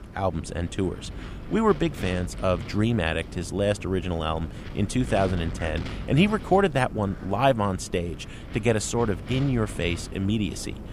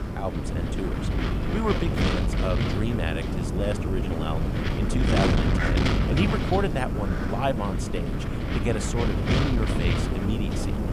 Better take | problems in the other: first | wind noise on the microphone; heavy; 1 dB above the speech; occasional gusts in the first

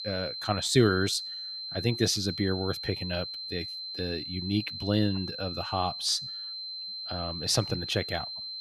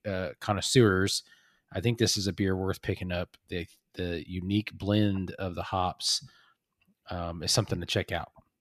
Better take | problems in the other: second | high-pitched whine; loud; throughout; 4 kHz, 6 dB below the speech

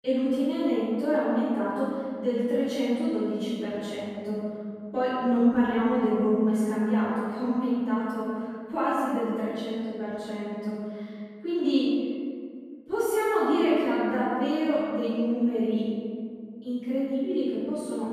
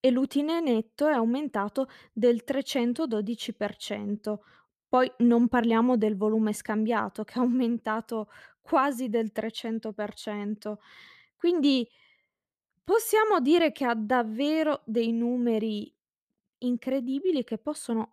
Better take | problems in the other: second | off-mic speech; far // room echo; strong; dies away in 2 s

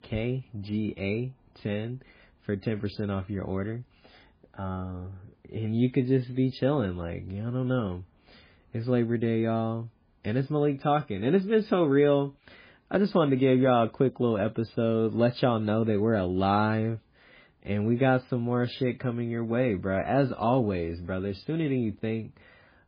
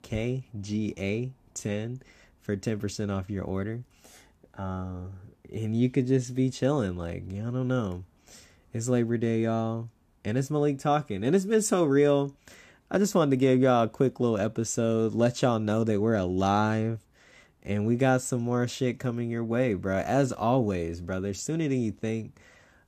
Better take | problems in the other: second | garbled, watery; badly; nothing above 5 kHz

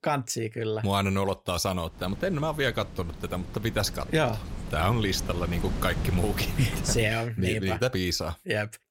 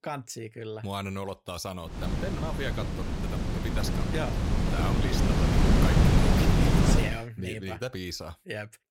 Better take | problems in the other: first | wind noise on the microphone; heavy; from 2 to 7 s; 4 dB above the speech; occasional gusts in the first

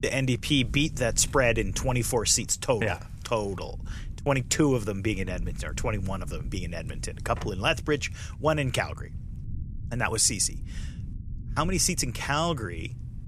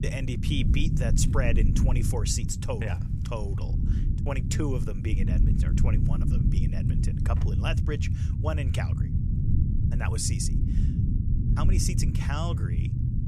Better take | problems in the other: first | low rumble; loud; throughout; 4 dB below the speech; faint in the first

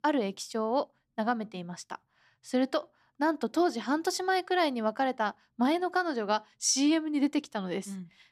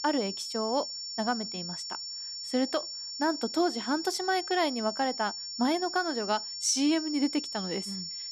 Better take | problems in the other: first | high-pitched whine; loud; throughout; 5.5 kHz, 5 dB below the speech

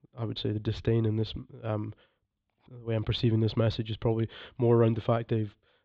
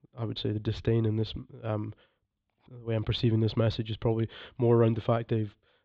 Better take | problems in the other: neither | muffled; very; fading above 3.5 kHz; the same in both

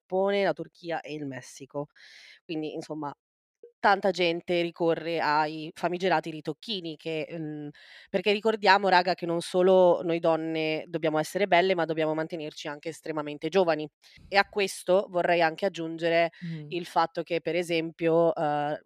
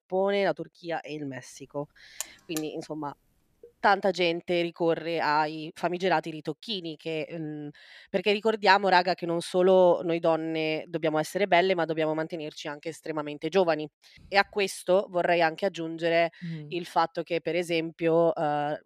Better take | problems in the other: first | alarm; faint; at 2 s; peak 10 dB below the speech

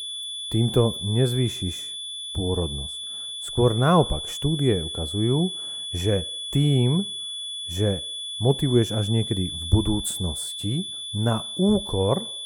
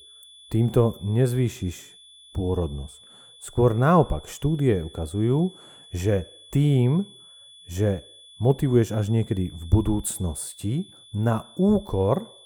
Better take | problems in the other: second | high-pitched whine; loud; throughout; 3.5 kHz, 6 dB below the speech; faint in the second

